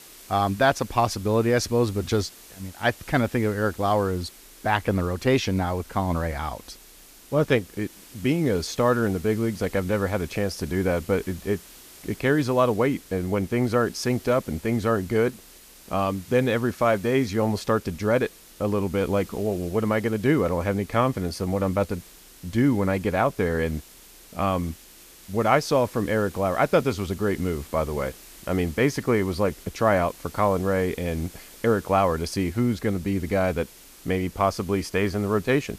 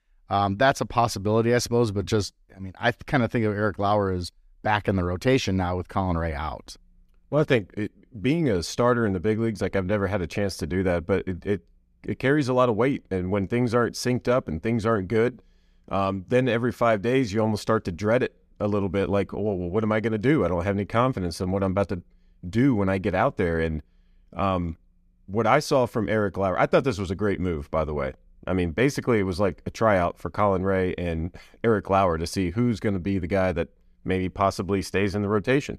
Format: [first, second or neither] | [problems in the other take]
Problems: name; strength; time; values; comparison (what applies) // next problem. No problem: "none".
second | hiss; faint; throughout; 20 dB below the speech